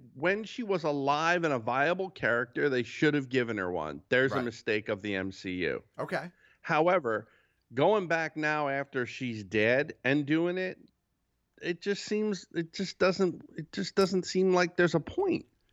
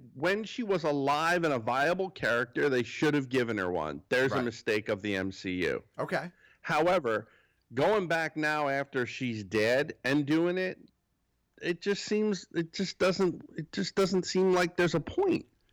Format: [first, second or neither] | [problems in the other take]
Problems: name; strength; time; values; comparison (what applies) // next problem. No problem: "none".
first | distortion; slight; 5% of the sound clipped